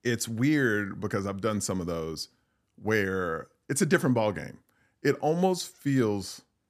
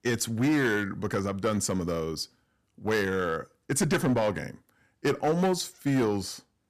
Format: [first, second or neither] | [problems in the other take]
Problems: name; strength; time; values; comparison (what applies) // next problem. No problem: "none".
first | distortion; slight; 6% of the sound clipped